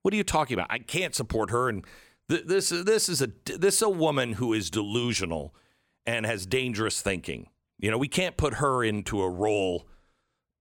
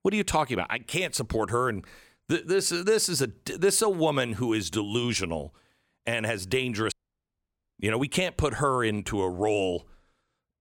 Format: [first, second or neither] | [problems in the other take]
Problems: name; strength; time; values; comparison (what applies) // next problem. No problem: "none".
first | audio cutting out; at 7 s for 1 s